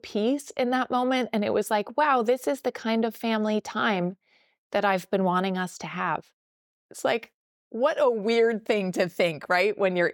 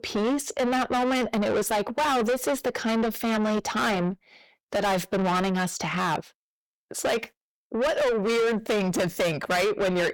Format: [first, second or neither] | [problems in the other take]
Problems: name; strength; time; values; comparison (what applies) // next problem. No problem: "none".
first | distortion; heavy; 6 dB below the speech